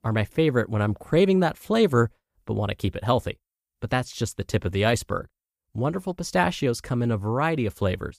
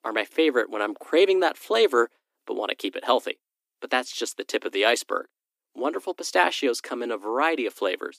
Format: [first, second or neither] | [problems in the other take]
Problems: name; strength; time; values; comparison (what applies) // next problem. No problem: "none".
first | thin; somewhat; fading below 250 Hz